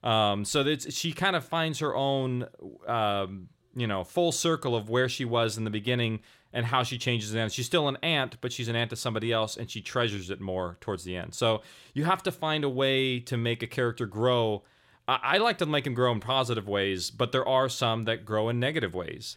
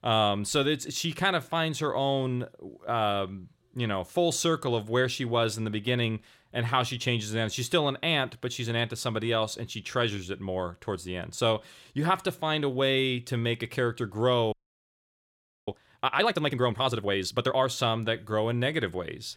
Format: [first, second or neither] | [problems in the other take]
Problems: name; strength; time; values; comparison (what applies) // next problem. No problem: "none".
first | audio freezing; at 15 s for 1 s